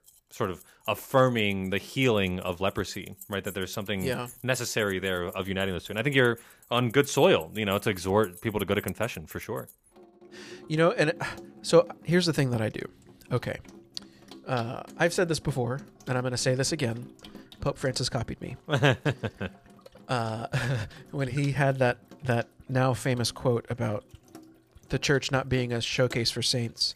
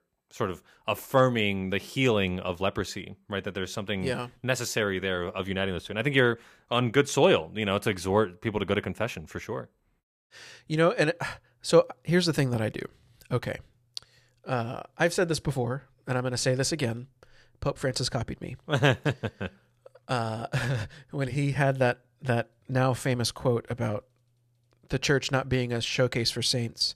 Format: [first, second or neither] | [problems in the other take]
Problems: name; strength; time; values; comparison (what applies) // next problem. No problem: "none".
second | household noises; faint; throughout; 20 dB below the speech